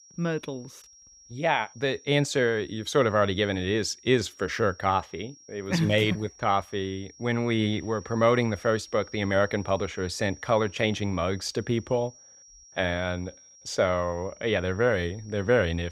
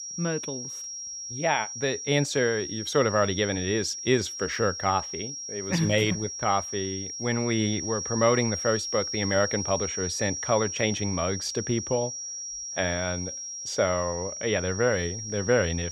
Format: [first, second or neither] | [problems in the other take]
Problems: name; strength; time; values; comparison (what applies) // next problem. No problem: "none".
first | high-pitched whine; loud; throughout; 5.5 kHz, 6 dB below the speech; faint in the first